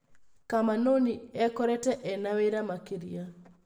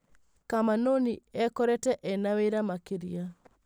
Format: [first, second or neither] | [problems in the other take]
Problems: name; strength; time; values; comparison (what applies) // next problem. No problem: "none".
second | room echo; dies away in 0.6 s